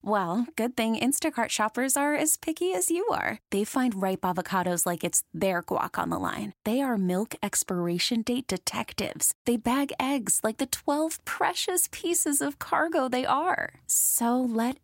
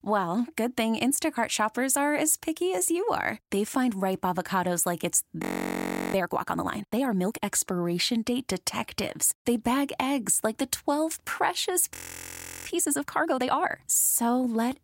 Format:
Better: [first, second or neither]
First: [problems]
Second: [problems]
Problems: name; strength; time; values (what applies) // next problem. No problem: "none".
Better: first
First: none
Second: audio freezing; at 5.5 s for 0.5 s and at 12 s for 0.5 s